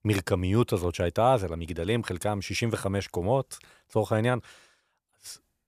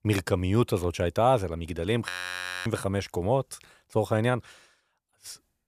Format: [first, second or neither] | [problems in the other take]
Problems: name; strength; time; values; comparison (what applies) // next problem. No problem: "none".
first | audio freezing; at 2 s for 0.5 s